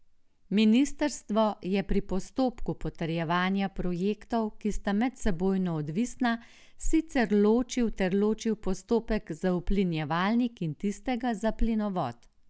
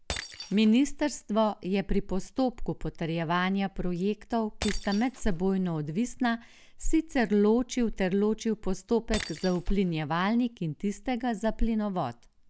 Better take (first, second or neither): first